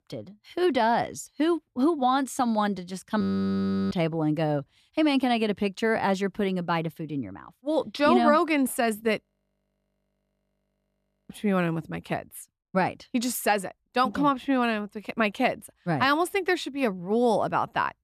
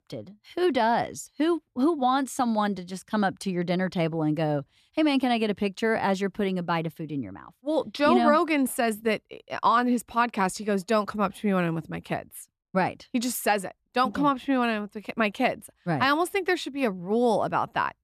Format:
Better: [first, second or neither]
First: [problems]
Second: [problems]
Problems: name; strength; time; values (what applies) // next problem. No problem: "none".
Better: second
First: audio freezing; at 3 s for 0.5 s and at 9 s for 2 s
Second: none